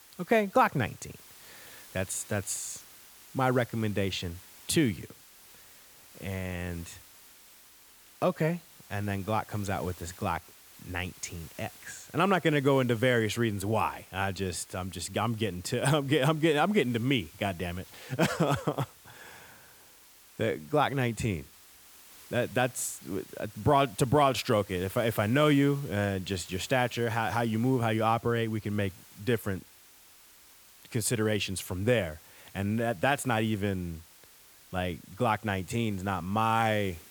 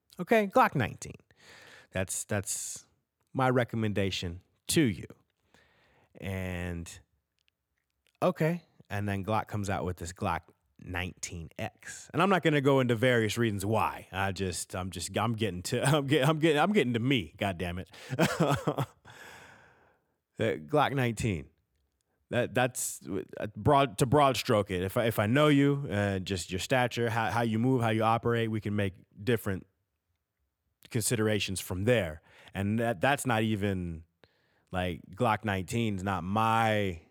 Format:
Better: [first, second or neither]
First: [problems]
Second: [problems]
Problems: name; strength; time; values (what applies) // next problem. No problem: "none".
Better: second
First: hiss; faint; throughout; 20 dB below the speech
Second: none